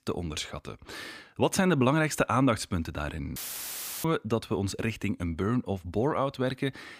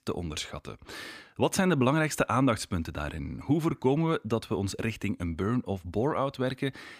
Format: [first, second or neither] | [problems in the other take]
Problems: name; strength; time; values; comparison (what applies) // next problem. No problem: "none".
second | audio cutting out; filled with static; at 3.5 s for 0.5 s